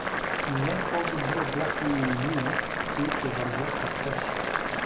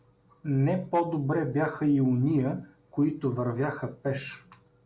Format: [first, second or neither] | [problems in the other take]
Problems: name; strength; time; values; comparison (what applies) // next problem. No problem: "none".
second | background sound (Boiling); 2 dB above the speech